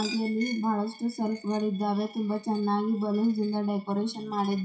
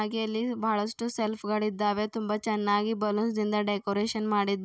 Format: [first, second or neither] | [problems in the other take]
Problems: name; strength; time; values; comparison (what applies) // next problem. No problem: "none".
second | noise reduction (classical method WPE with log-MMSE)